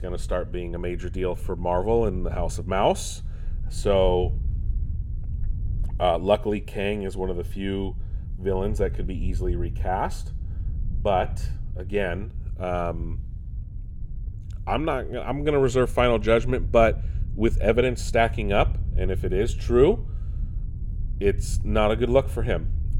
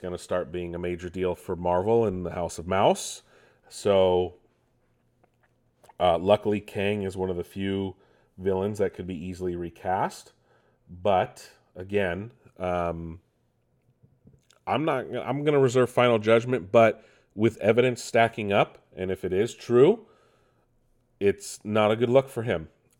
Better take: second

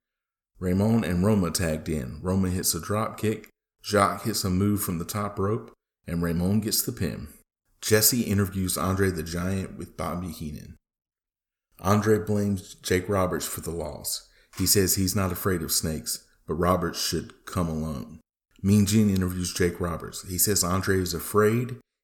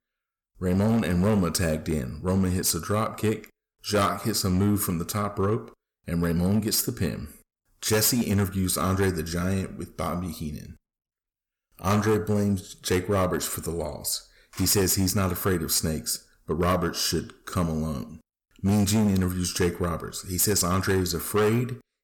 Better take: first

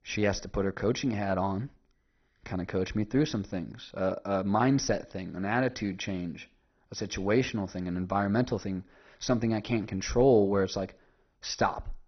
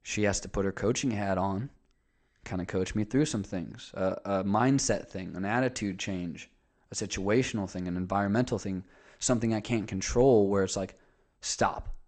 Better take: second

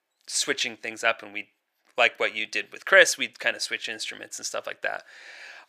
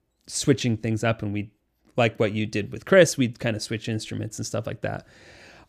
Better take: second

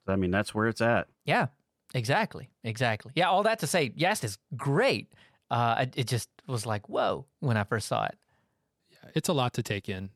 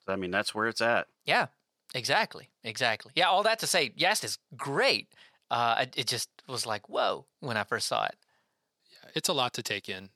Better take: first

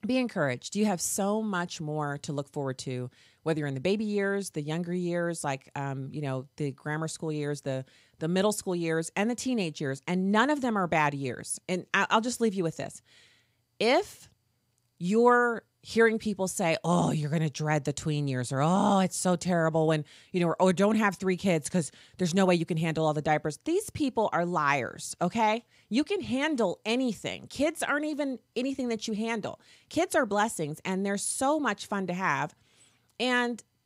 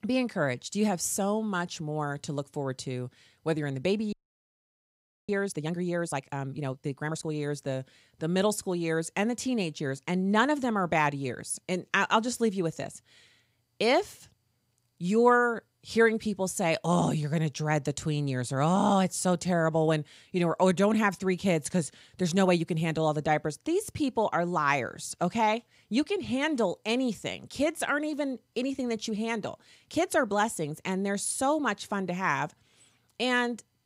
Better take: first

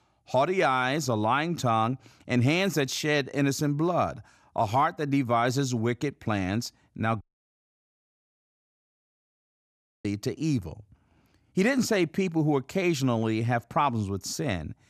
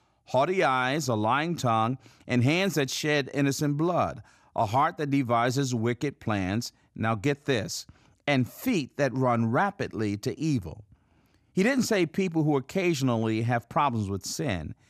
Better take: second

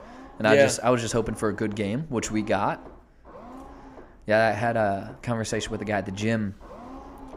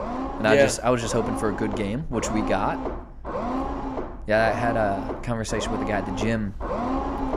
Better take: first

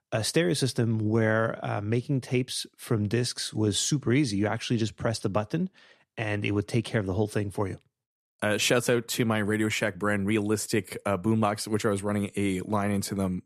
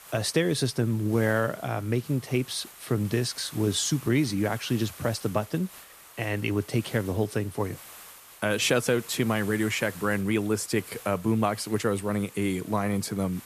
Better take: first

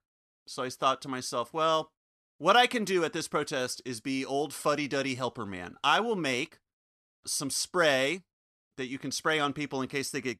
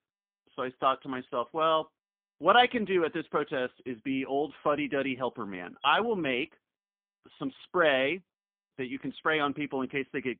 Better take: first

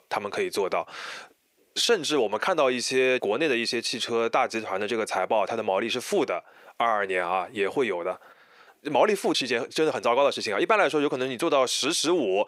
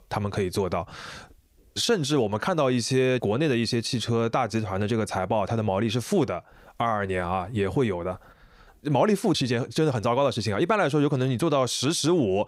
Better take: second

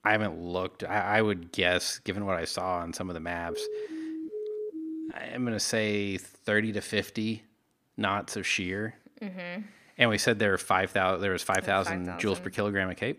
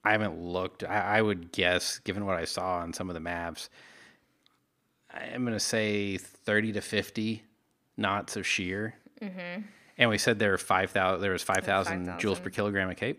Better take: second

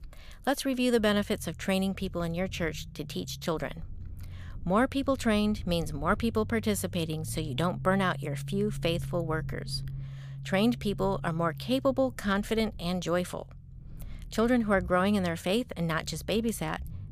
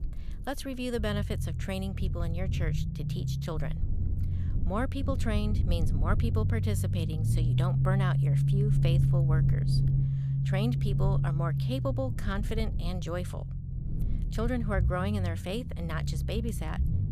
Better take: first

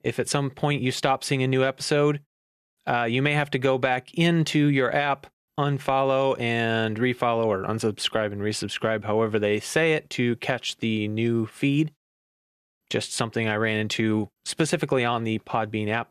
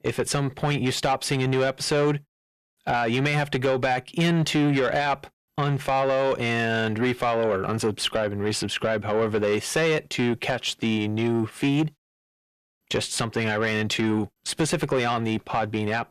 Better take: first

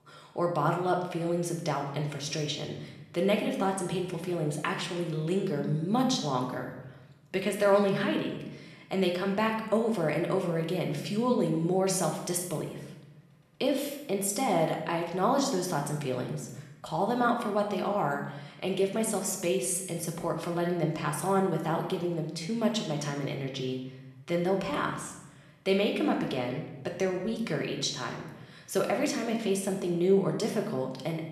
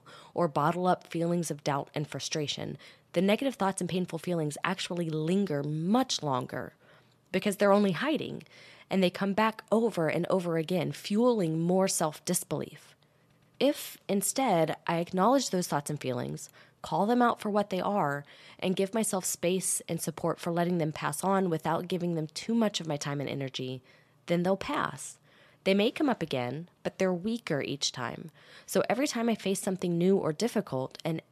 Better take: second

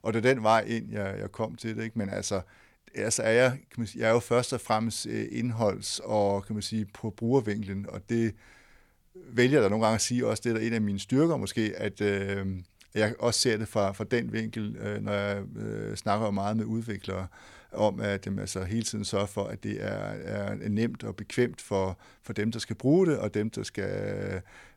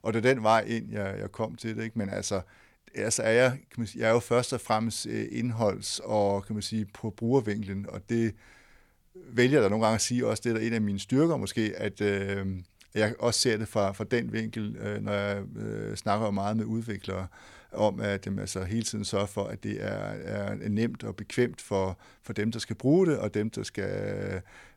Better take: neither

